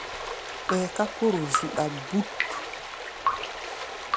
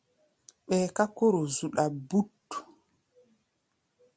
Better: second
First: background sound (Drip + Stream); 1 dB below the speech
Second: none

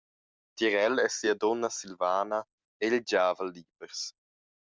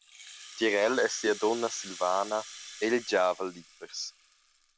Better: first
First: none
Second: background sound (Rattle (instrument)); 16 dB below the speech

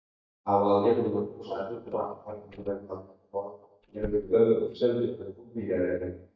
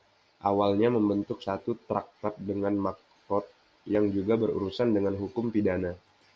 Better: second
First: noise reduction (neural mask model DeepFilterNet 3)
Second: none

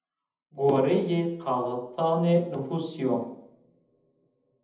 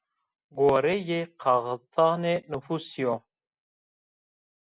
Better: second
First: room echo; dies away in 0.8 s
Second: none

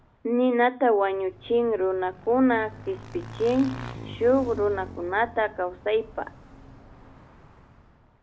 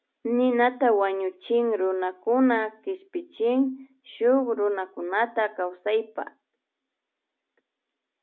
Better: second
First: background sound (Motorcycle / Engine); 17 dB below the speech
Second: none

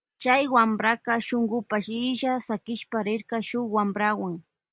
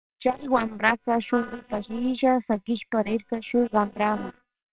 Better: first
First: none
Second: noise reduction (neural separator model SepFormer WHAMR!)

